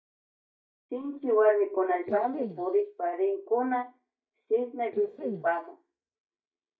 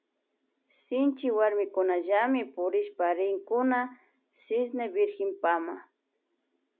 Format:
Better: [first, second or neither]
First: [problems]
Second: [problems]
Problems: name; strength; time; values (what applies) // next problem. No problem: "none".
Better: second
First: noise reduction (neural mask model DeepFilterNet 3)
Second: none